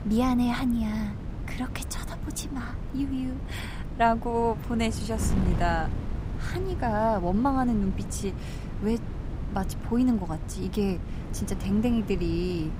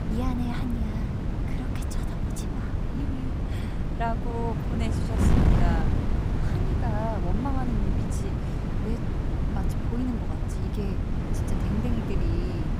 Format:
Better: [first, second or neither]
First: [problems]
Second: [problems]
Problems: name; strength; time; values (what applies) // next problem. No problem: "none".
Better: first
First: wind noise on the microphone; occasional gusts; 15 dB below the speech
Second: wind noise on the microphone; heavy; 1 dB above the speech